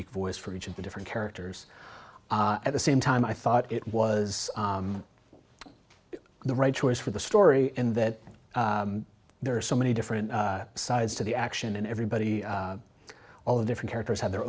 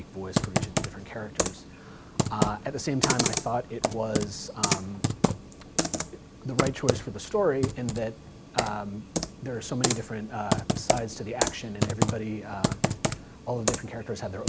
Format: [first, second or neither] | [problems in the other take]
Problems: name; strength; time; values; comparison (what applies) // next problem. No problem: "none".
first | background sound (Computer keyboard); 3 dB above the speech